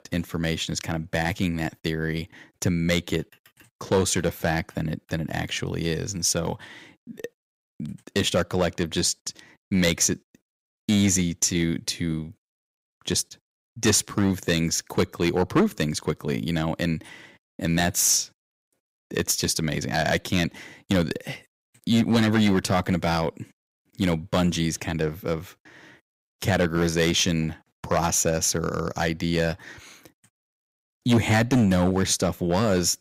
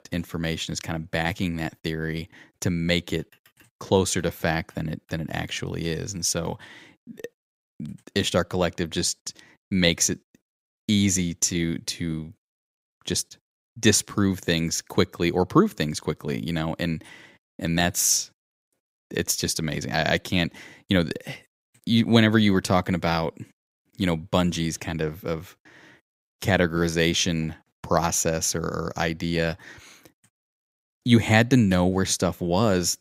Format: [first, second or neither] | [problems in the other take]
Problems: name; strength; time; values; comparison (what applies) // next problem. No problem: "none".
second | distortion; slight; 3% of the sound clipped